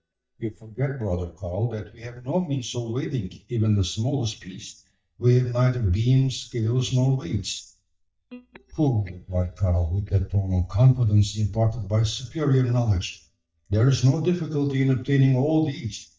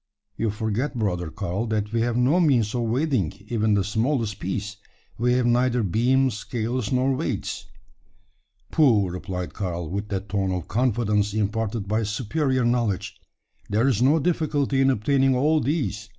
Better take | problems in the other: second | noise reduction (neural mask model DeepFilterNet 3)

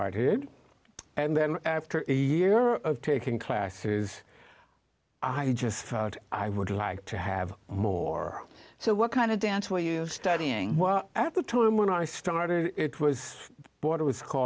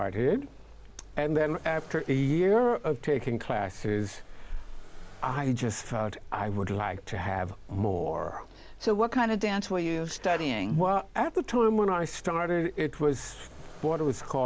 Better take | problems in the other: first | background sound (Accelerating, revving, vroom); 14 dB below the speech

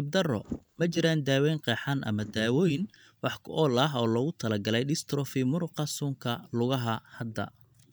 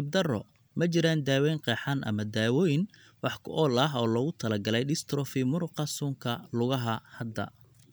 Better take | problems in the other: second | noise reduction (neural mask model DeepFilterNet 3)

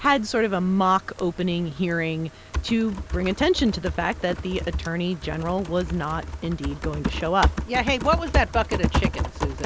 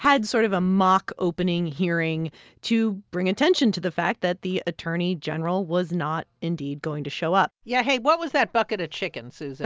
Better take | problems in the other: second | background sound (Typing); 4 dB below the speech

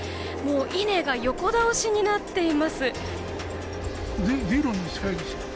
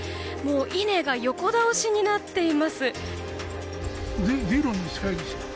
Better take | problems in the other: second | background sound (Subway, metro, underground); 12 dB below the speech

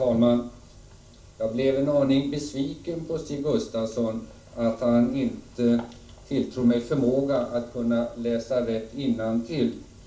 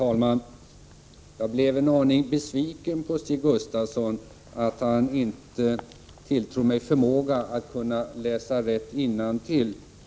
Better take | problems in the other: second | room echo; dies away in 0.3 s

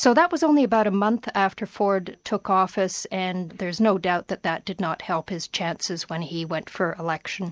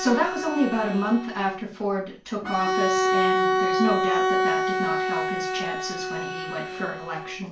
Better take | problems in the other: first | background sound (Bowed string instrument); 1 dB above the speech // room echo; dies away in 0.3 s

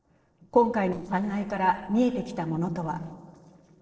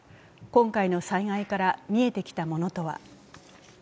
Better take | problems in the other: second | noise reduction (neural separator model SepFormer DNS4)

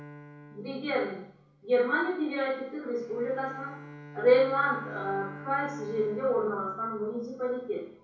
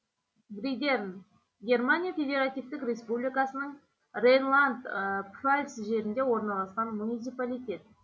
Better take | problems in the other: second | background sound (Bowed string instrument); 17 dB below the speech // room echo; dies away in 0.6 s

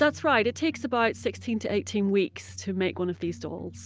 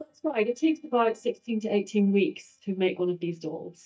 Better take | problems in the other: first | noise reduction (neural mask model DeepFilterNet 3)

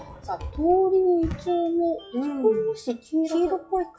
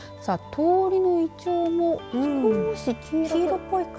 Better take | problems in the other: second | noise reduction (classical method WPE with log-MMSE)

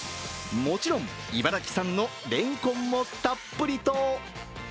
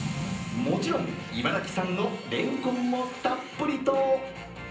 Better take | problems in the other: first | background sound (Boom); 12 dB below the speech // room echo; dies away in 0.6 s

